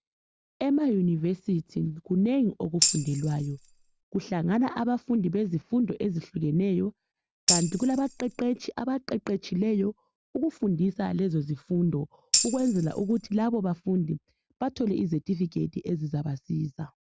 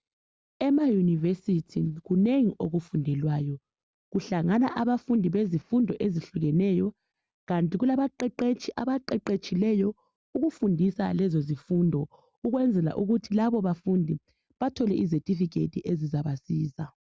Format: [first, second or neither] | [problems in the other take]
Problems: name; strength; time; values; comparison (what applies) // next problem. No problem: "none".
second | background sound (Tambourine); 2 dB below the speech